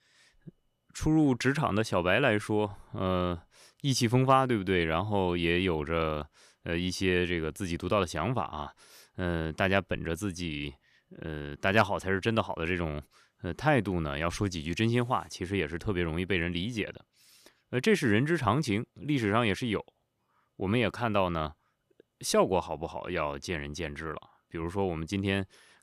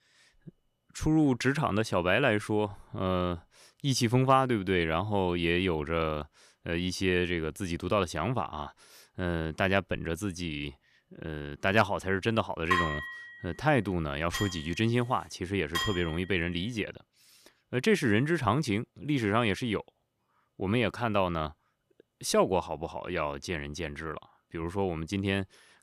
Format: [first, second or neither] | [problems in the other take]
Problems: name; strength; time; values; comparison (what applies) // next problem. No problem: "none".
first | clattering dishes; loud; from 13 to 16 s; peak 1 dB above the speech